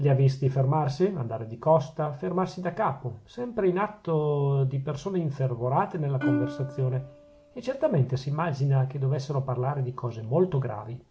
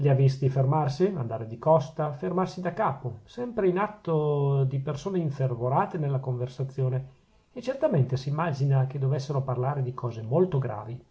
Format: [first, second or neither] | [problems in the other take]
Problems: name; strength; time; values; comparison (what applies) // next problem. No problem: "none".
second | background sound (Plucked string instrument); 7 dB below the speech